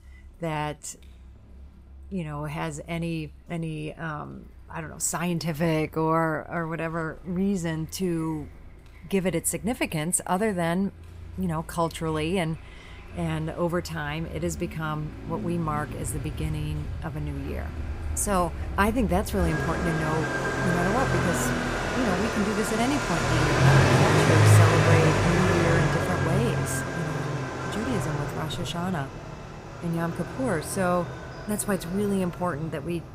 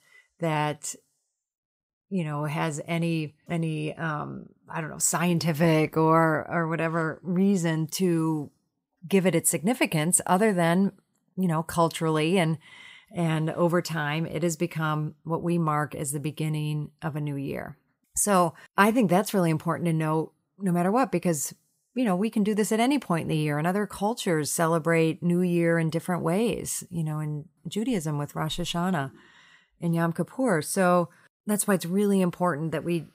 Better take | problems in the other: second | traffic noise; very loud; throughout; 2 dB above the speech

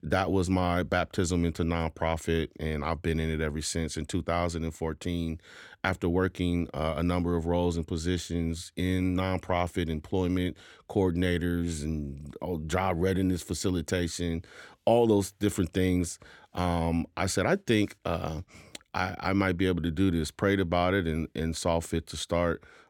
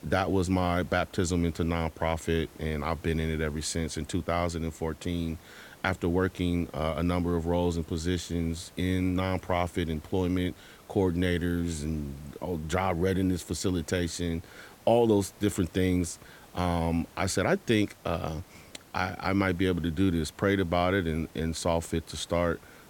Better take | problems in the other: first | hiss; faint; throughout; 25 dB below the speech

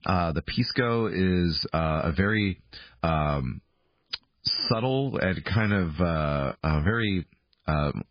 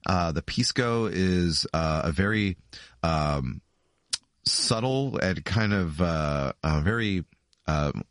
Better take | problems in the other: second | garbled, watery; badly; nothing above 5 kHz; slightly in the second

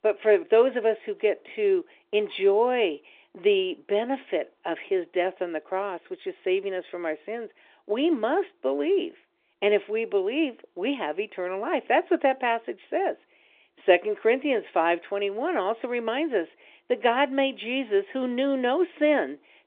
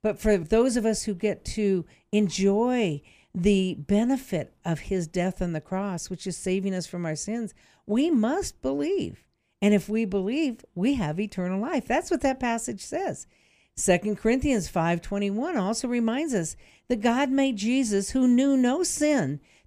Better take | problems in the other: second | phone-call audio; nothing above 3.5 kHz

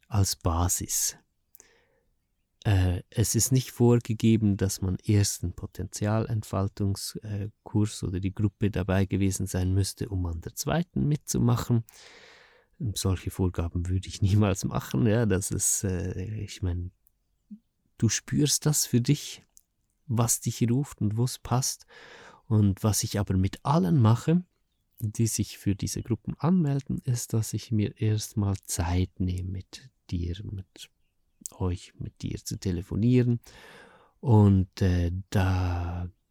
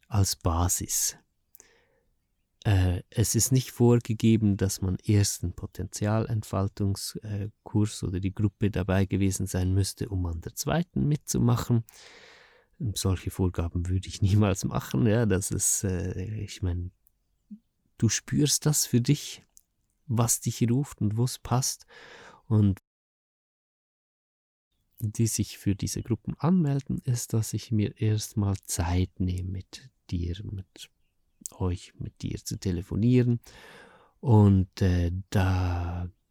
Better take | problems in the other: first | audio cutting out; at 23 s for 2 s

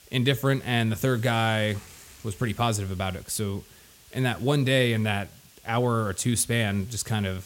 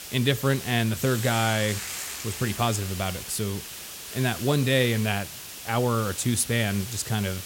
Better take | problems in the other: first | hiss; loud; throughout; 9 dB below the speech; faint in the first

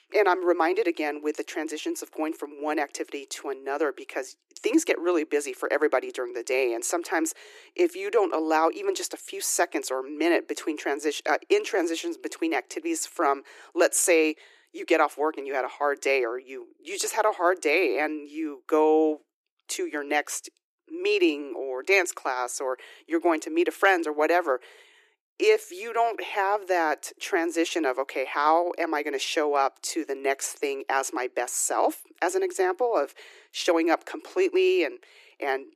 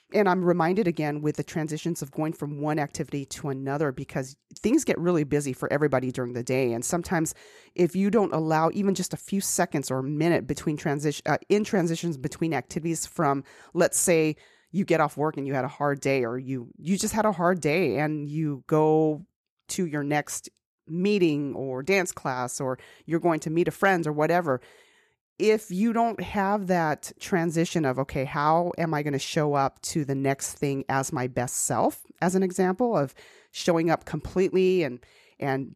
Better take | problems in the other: second | thin; very; fading below 300 Hz

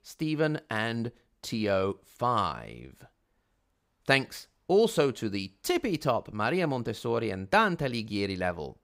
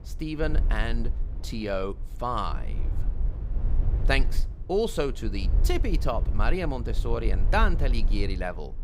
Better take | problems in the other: first | low rumble; noticeable; throughout; 15 dB below the speech

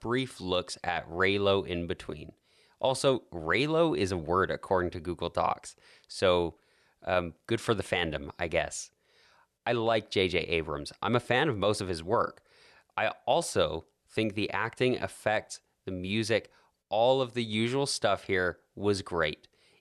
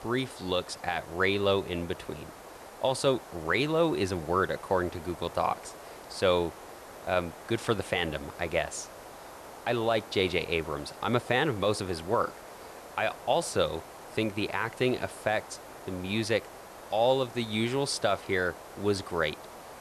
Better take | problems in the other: first | hiss; noticeable; throughout; 15 dB below the speech

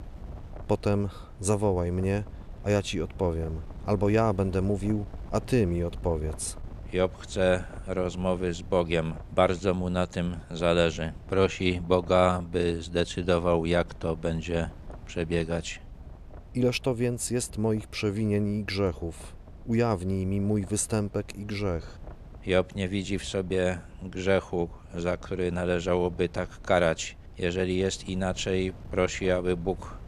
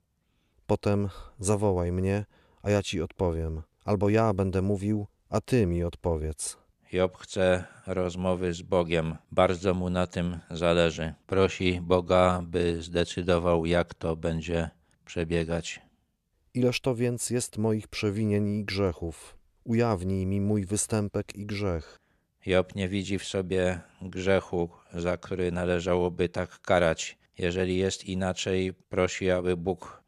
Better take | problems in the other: second | wind noise on the microphone; occasional gusts; 25 dB below the speech

